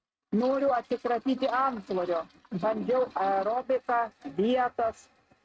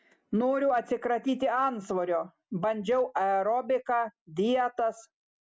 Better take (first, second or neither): second